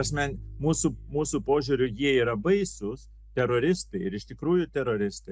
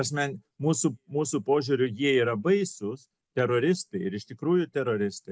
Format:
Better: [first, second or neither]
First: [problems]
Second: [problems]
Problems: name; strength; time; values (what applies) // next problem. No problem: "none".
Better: second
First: background sound (Bass guitar); 17 dB below the speech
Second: none